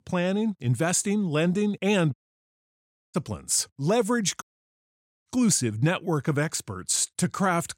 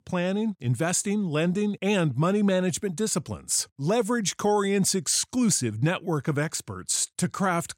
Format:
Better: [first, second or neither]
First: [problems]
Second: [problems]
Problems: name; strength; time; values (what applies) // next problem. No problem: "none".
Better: second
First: audio cutting out; at 2 s for 1 s and at 4.5 s for 1 s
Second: none